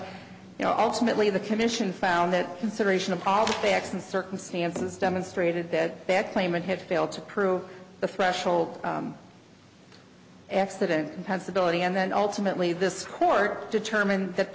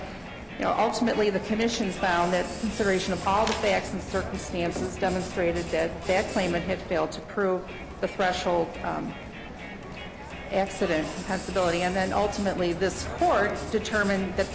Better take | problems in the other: first | background sound (Crowd); 10 dB below the speech

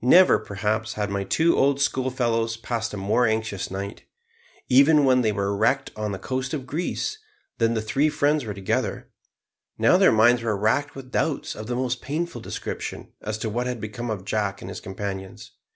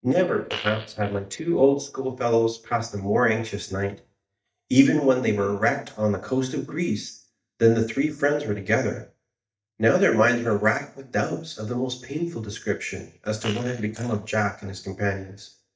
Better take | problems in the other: first | noise reduction (neural mask model DeepFilterNet 3)

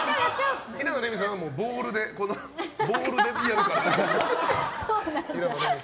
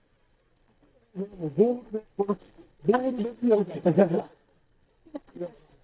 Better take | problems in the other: first | noise reduction (neural mask model DeepFilterNet 3)

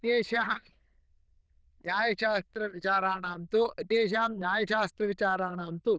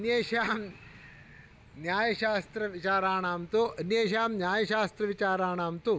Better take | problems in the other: second | noise reduction (neural diffusion model UNIVERSE++)

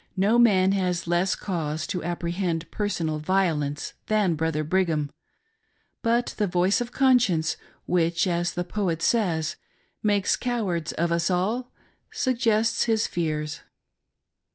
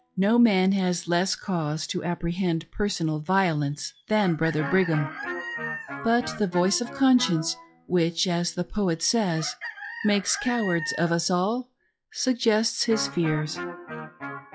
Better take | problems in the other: first | noise reduction (classical method log-MMSE)

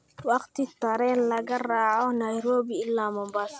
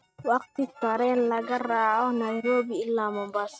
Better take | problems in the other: first | noise reduction (neural mask model RNNoise)

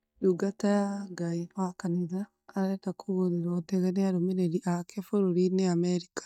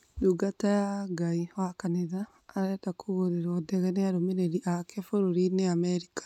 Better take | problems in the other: second | noise reduction (neural mask model DeepFilterNet 3)

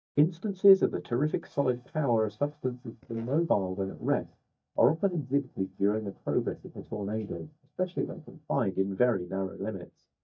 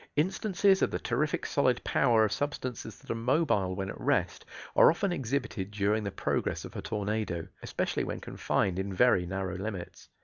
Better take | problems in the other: second | noise reduction (neural mask model DeepFilterNet 3)

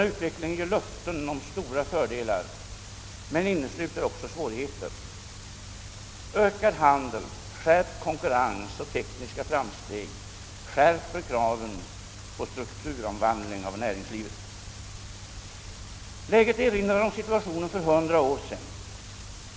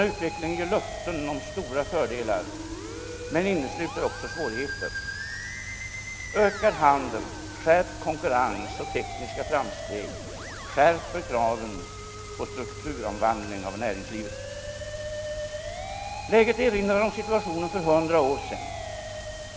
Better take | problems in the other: first | background sound (Musical instrument); 10 dB below the speech

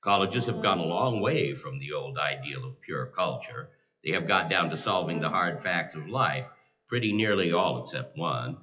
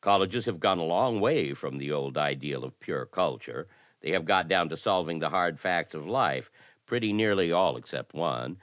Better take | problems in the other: second | noise reduction (classical method WPE with log-MMSE)

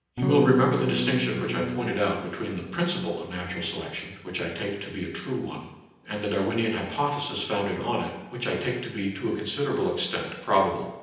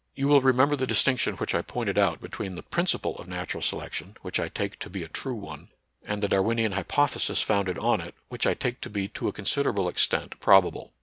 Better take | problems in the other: second | background sound (Electric guitar / Strum); as loud as the speech // room echo; dies away in 0.9 s

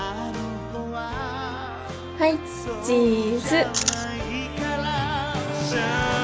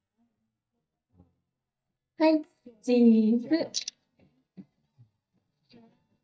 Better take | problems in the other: first | noise reduction (neural mask model DeepFilterNet 3)

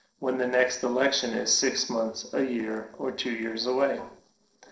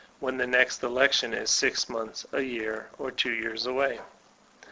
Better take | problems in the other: second | noise reduction (neural separator model SepFormer DNS4)

